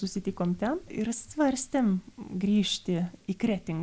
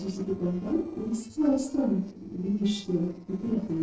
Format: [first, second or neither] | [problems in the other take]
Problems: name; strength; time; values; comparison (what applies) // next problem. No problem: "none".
first | noise reduction (neural separator model SepFormer DNS4)